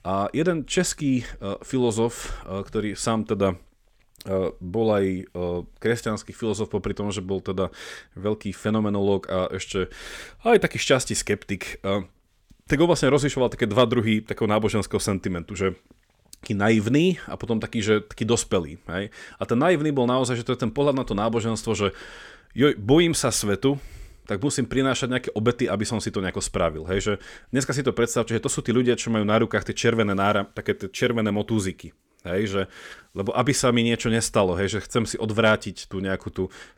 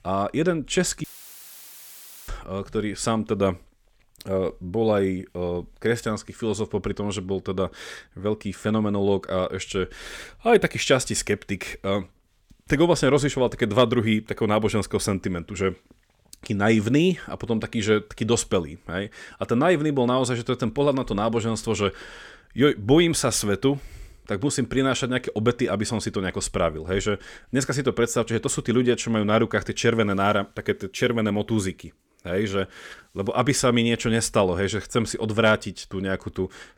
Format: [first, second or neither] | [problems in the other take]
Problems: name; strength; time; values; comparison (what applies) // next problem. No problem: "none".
first | audio cutting out; filled with static; at 1 s for 1 s